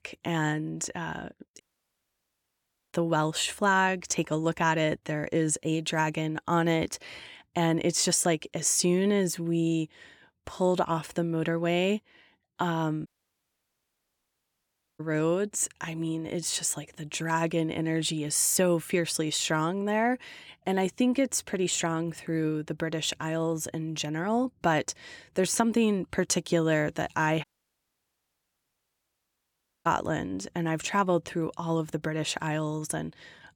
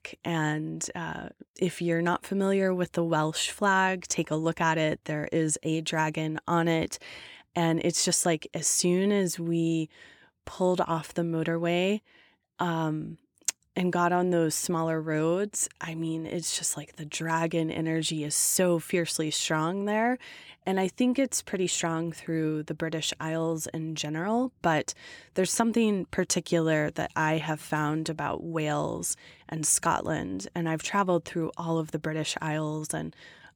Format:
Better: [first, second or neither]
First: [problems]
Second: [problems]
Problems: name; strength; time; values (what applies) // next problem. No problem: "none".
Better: second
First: audio cutting out; at 1.5 s for 1.5 s, at 13 s for 2 s and at 27 s for 2.5 s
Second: none